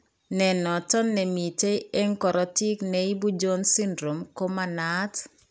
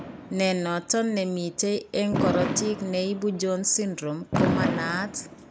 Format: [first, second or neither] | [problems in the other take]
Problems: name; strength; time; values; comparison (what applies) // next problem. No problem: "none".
first | background sound (Fireworks); 4 dB below the speech